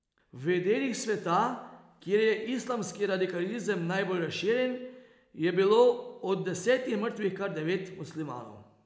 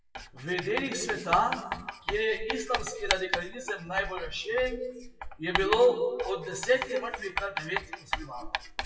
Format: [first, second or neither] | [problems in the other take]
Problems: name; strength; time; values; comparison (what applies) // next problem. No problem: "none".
first | noise reduction (classical method WPE with log-MMSE)